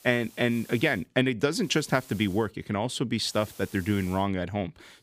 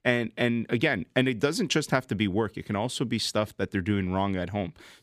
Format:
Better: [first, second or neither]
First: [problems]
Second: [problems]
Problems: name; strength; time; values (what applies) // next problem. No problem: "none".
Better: second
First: hiss; faint; at the start, at 1.5 s and at 3.5 s; 20 dB below the speech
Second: none